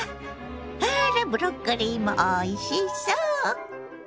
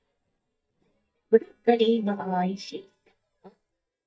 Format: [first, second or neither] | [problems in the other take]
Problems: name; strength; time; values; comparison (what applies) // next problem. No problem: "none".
first | noise reduction (neural mask model DeepFilterNet 3)